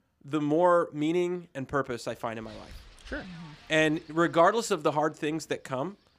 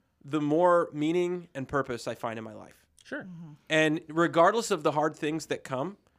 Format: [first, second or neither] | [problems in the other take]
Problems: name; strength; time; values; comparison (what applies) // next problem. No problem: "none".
second | wind noise on the microphone; occasional gusts; from 2 s on; 25 dB below the speech